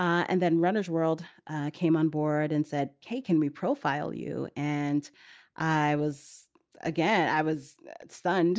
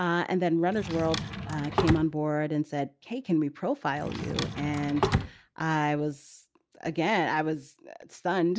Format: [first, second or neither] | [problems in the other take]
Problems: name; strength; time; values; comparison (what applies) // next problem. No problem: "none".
first | background sound (Drawer open or close); 3 dB below the speech